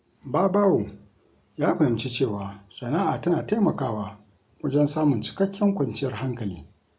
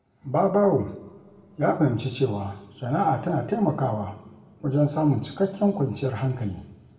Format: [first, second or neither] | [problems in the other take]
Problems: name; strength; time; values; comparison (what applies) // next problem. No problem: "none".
first | room echo; dies away in 1.1 s